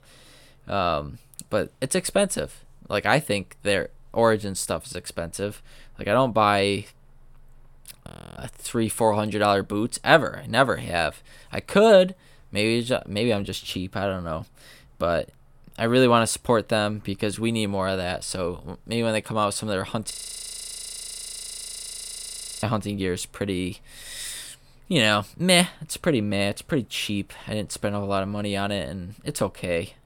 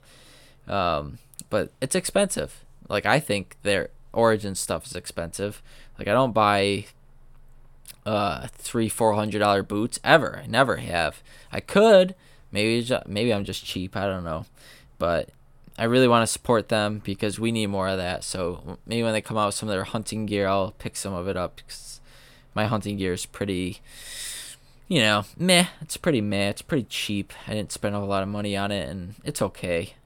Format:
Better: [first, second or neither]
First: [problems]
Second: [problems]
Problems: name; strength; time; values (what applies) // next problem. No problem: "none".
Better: second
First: audio freezing; at 8 s and at 20 s for 2.5 s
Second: none